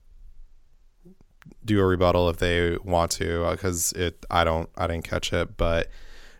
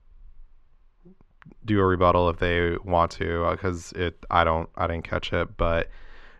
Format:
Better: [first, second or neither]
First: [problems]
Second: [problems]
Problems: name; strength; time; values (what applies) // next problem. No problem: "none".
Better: first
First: none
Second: muffled; very; fading above 2.5 kHz